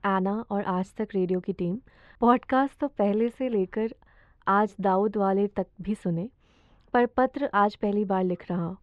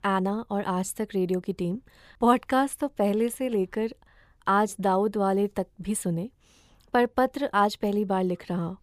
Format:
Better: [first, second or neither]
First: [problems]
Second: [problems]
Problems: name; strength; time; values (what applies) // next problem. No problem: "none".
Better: second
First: muffled; slightly; fading above 2.5 kHz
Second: none